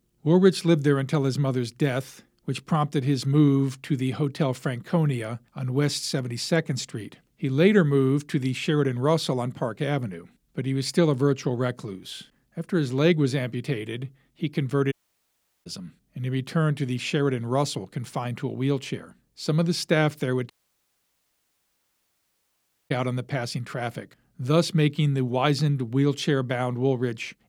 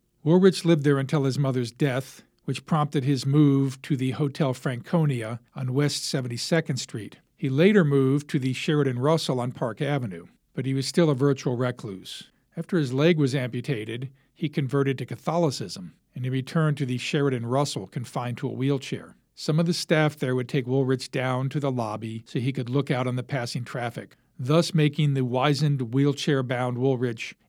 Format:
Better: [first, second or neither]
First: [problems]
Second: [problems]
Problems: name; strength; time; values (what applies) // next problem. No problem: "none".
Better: second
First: audio cutting out; at 15 s for 0.5 s and at 21 s for 2.5 s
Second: none